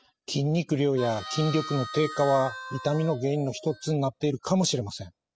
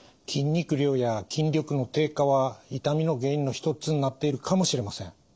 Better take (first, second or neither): second